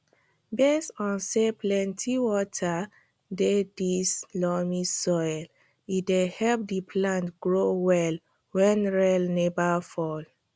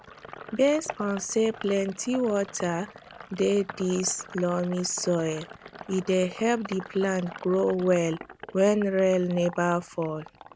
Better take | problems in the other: first | background sound (Sink (filling or washing)); 17 dB below the speech

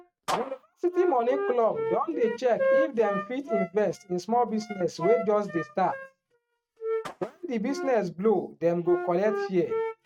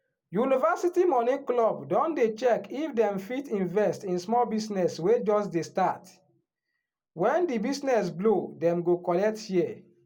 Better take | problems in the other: second | noise reduction (neural mask model RNNoise)

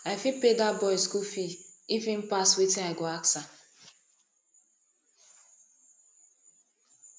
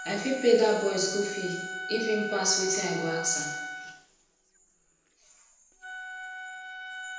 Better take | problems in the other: first | background sound (Wind instrument, woodwind instrument); 9 dB below the speech // room echo; dies away in 0.9 s

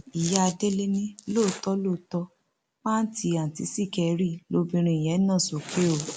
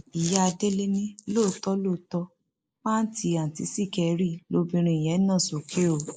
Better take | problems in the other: first | noise reduction (neural mask model Resemble Enhance denoiser)

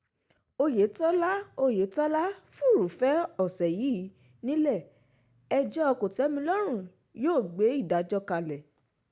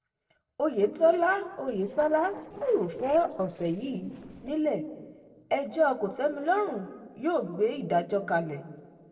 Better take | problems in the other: first | noise reduction (neural separator model SepFormer DNS4)

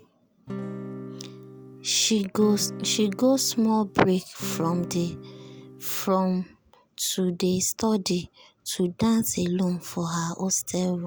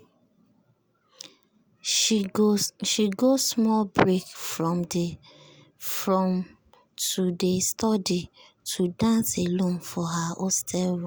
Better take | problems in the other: second | background sound (Acoustic guitar / Strum); 12 dB below the speech

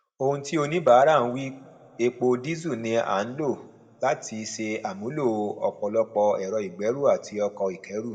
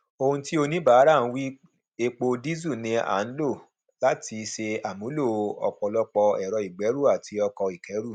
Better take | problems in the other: second | room echo; dies away in 1.7 s

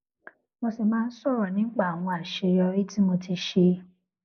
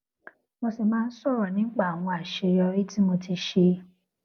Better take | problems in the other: second | noise reduction (neural mask model Resemble Enhance denoiser)

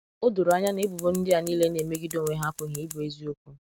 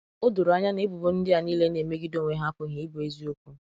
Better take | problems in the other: second | background sound (Scissors); 15 dB below the speech

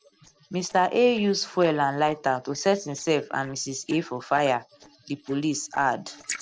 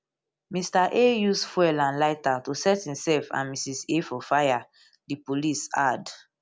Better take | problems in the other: second | noise reduction (neural separator model SepFormer DNS4)

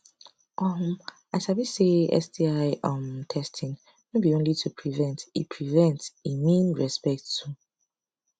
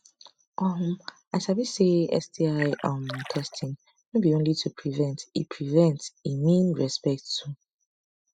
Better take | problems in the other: first | noise reduction (classical method spectral subtraction)

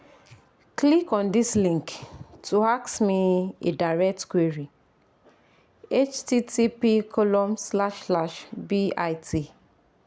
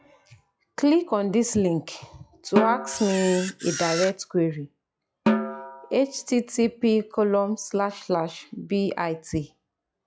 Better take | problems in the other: first | noise reduction (classical method log-MMSE)

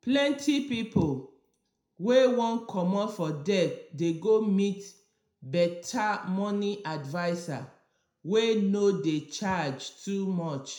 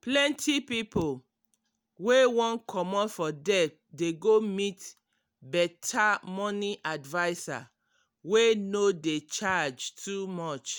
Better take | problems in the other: second | room echo; dies away in 0.5 s

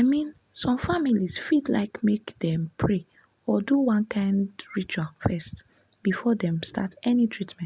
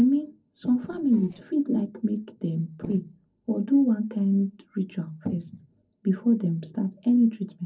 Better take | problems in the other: first | noise reduction (neural separator model SepFormer DNS4)

